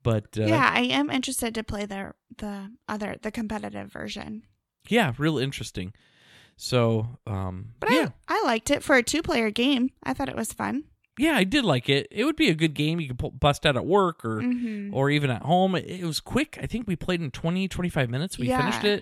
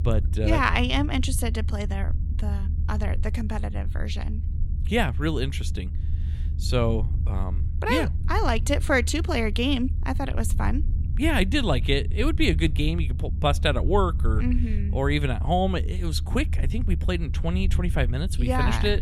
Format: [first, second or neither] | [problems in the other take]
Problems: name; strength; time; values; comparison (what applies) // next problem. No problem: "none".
first | low rumble; noticeable; throughout; 20 dB below the speech